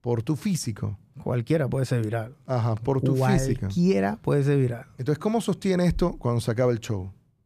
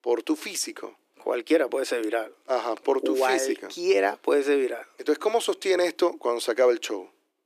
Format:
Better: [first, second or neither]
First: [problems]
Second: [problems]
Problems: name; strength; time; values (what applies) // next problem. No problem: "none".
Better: first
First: none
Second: thin; very; fading below 300 Hz